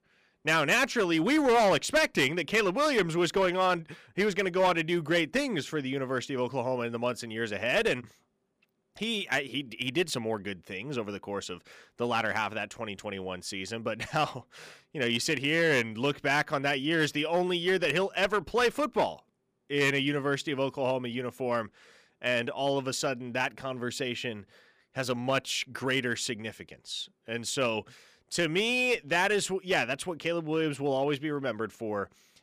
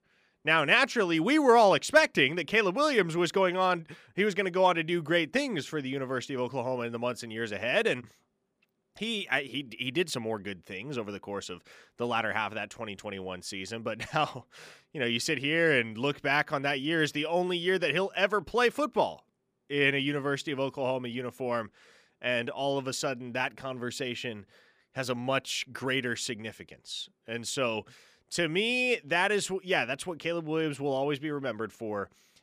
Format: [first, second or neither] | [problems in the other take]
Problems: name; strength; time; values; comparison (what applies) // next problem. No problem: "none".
second | distortion; slight; 4% of the sound clipped